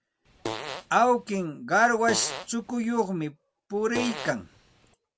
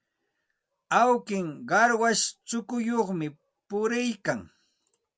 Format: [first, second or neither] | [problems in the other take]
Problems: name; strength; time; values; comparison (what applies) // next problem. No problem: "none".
second | background sound (Fart); 11 dB below the speech